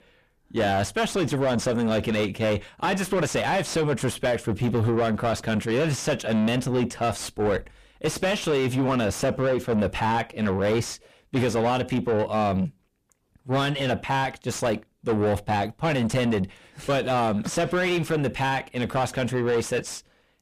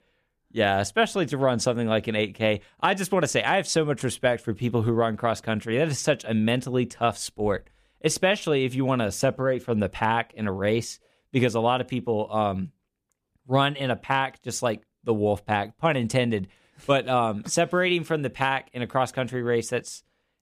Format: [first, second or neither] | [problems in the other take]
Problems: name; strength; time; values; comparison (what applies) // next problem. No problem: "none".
second | distortion; heavy; 6 dB below the speech